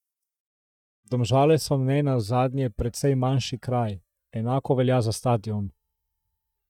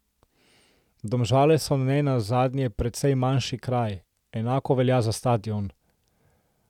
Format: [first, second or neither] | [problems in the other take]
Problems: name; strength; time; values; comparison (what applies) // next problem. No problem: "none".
second | noise reduction (neural mask model DeepFilterNet 3)